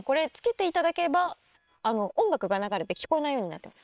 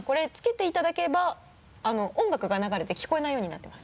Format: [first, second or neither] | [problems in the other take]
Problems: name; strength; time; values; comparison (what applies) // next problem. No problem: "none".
second | noise reduction (neural separator model SepFormer WHAM!)